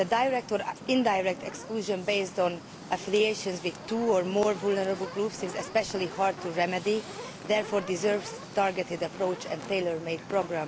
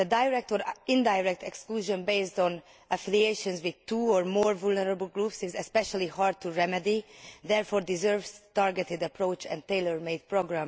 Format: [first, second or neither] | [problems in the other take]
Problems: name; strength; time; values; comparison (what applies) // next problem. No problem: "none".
second | background sound (Fire); 13 dB below the speech